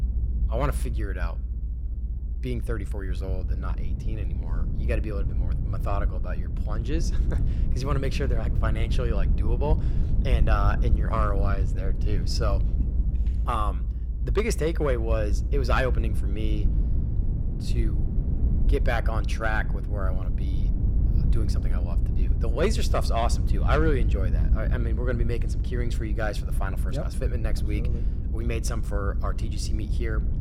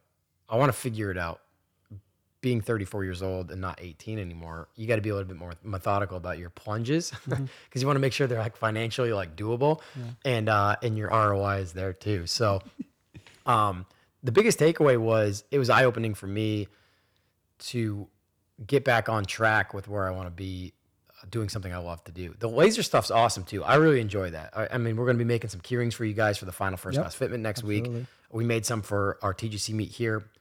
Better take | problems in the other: second | low rumble; noticeable; throughout; 10 dB below the speech

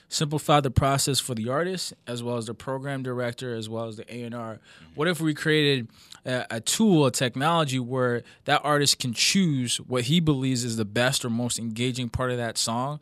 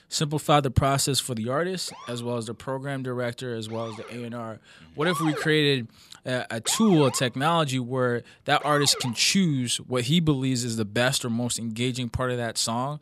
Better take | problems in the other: first | siren; noticeable; from 2 to 9 s; peak 7 dB below the speech

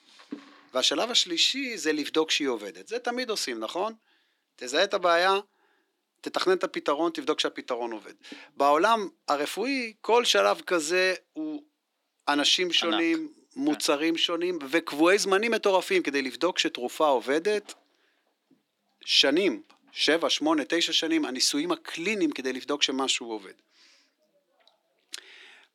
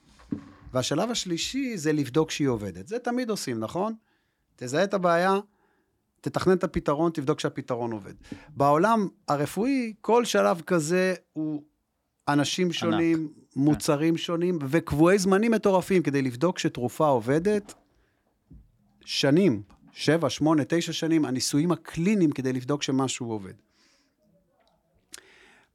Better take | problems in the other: second | thin; somewhat; fading below 300 Hz

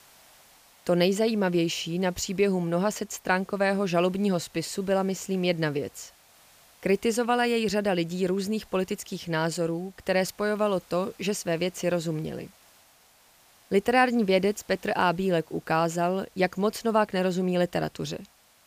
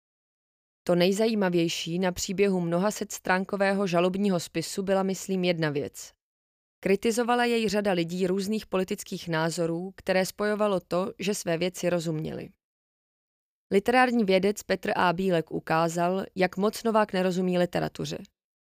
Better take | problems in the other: second | hiss; faint; throughout; 30 dB below the speech

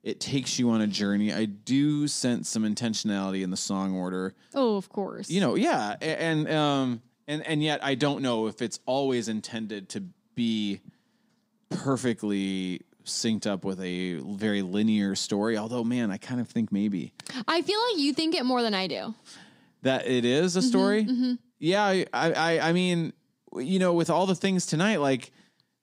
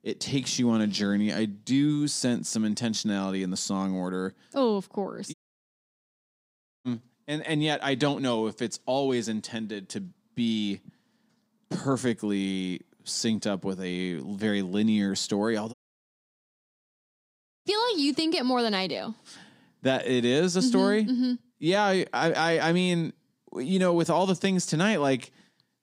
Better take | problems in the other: first | audio cutting out; at 5.5 s for 1.5 s and at 16 s for 2 s

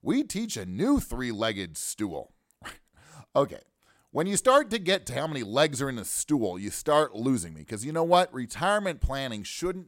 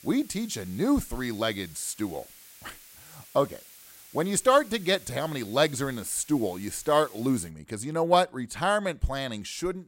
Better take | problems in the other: first | hiss; faint; until 7.5 s; 20 dB below the speech

